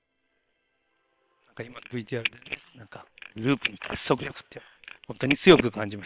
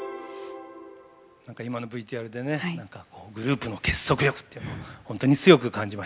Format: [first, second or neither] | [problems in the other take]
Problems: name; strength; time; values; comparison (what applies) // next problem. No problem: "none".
second | noise reduction (neural separator model SepFormer WHAM!)